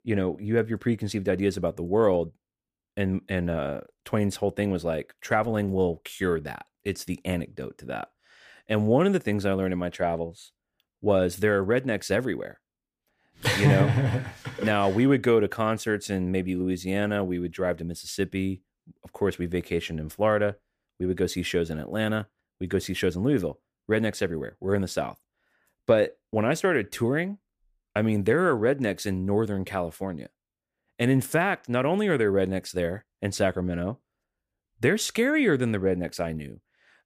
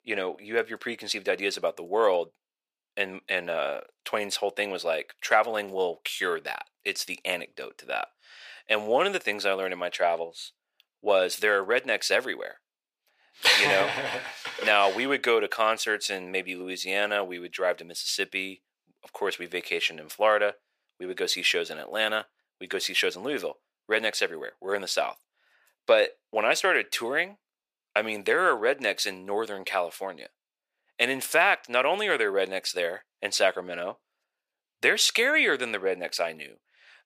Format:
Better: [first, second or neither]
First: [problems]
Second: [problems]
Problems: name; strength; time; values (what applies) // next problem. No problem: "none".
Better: first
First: none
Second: thin; very; fading below 700 Hz